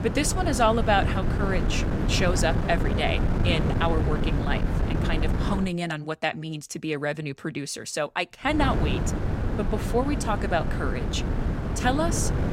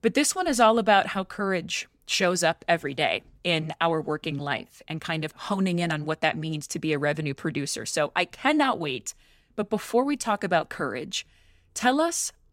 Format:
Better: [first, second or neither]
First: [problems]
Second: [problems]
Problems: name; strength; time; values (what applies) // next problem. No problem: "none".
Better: second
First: wind noise on the microphone; heavy; until 5.5 s and from 8.5 s on; 6 dB below the speech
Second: none